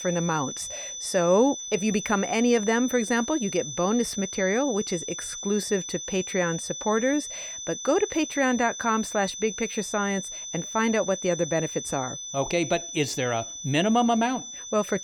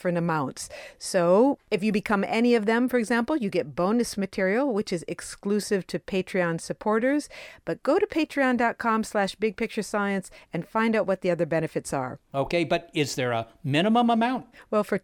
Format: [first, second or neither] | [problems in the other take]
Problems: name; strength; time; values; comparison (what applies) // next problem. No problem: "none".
second | high-pitched whine; loud; throughout; 6 kHz, 7 dB below the speech